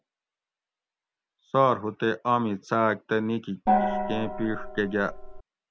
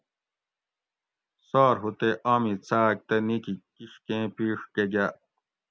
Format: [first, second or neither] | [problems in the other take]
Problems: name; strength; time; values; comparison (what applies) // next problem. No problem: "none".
second | background sound (Gong); as loud as the speech